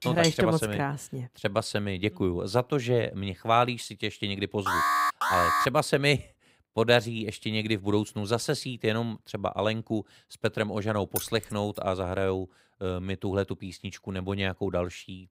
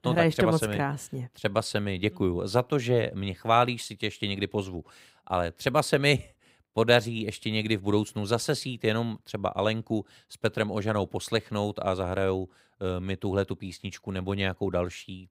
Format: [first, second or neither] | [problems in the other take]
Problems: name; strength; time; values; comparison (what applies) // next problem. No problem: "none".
second | clattering dishes; noticeable; at the start; peak 3 dB below the speech // alarm; loud; from 4.5 to 5.5 s; peak 5 dB above the speech // jangling keys; noticeable; at 11 s; peak 6 dB below the speech